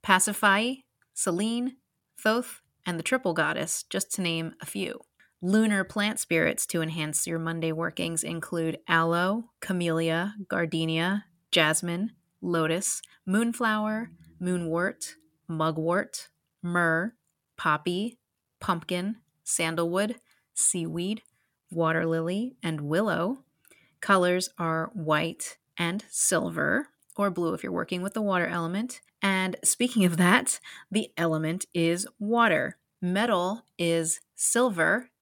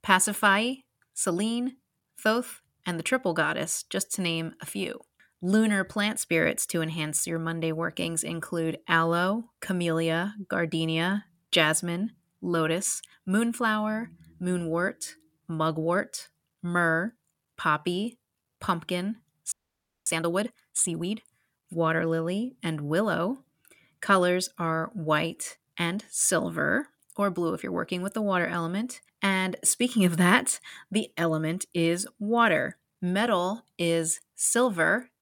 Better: first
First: none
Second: audio freezing; at 20 s for 0.5 s

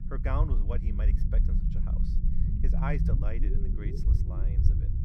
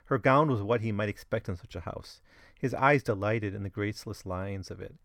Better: second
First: low rumble; loud; throughout; 4 dB below the speech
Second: none

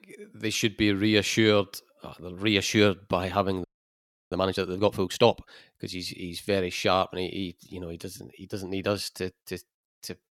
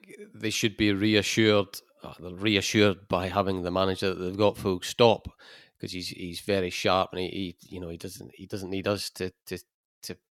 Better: second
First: audio freezing; at 3.5 s for 0.5 s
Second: none

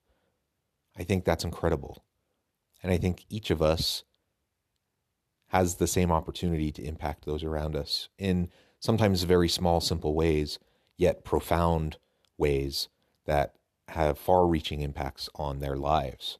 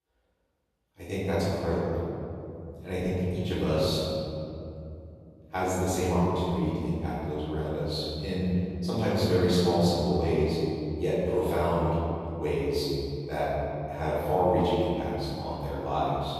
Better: first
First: none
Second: off-mic speech; far // room echo; strong; dies away in 2.8 s

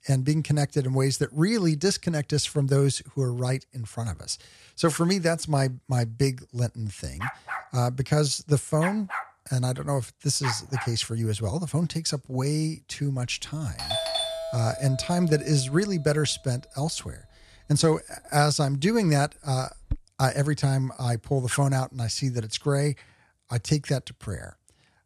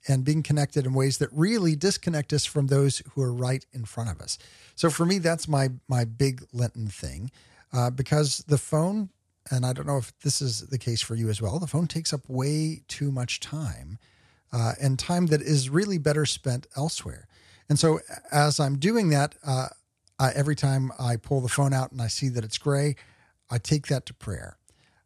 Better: second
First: dog barking; noticeable; from 7 to 11 s; peak 5 dB below the speech // doorbell; loud; from 14 to 20 s; peak level with the speech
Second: none

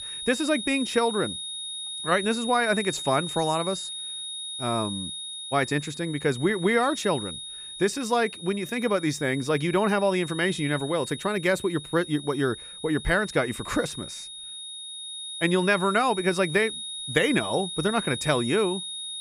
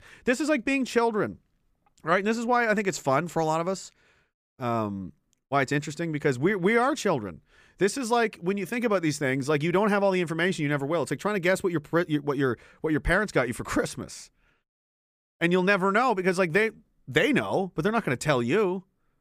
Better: second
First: high-pitched whine; loud; throughout; 3.5 kHz, 8 dB below the speech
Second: none

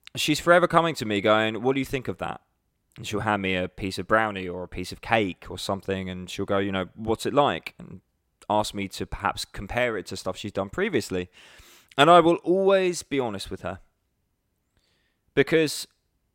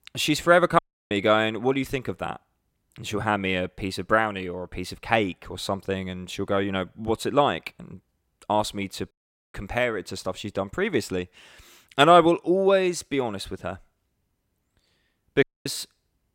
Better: first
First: none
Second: audio cutting out; at 1 s, at 9 s and at 15 s

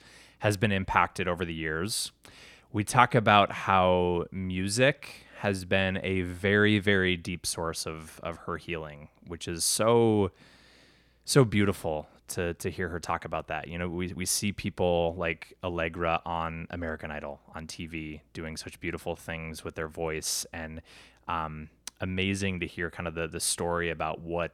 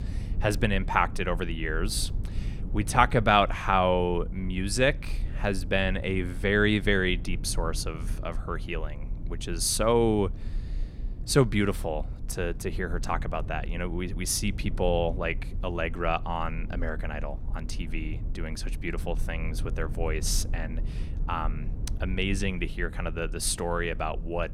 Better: first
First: none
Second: low rumble; faint; throughout; 20 dB below the speech

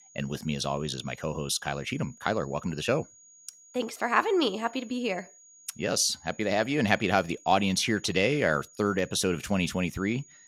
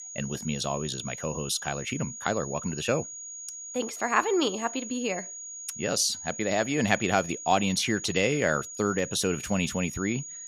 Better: first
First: high-pitched whine; faint; throughout; 6.5 kHz, 25 dB below the speech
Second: high-pitched whine; loud; throughout; 6.5 kHz, 9 dB below the speech

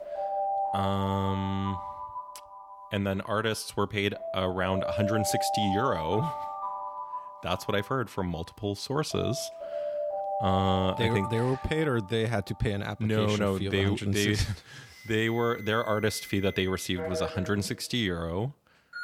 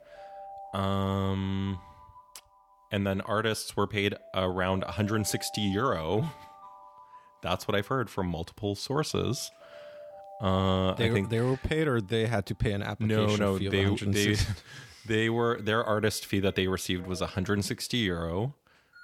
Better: second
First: alarms or sirens; loud; throughout; 6 dB below the speech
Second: alarms or sirens; faint; throughout; 20 dB below the speech

